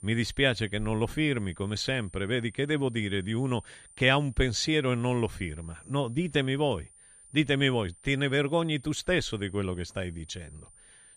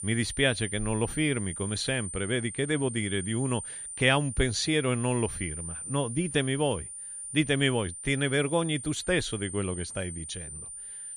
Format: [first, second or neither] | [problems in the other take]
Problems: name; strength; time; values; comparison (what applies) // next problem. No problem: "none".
first | high-pitched whine; loud; throughout; 9 kHz, 8 dB below the speech; faint in the first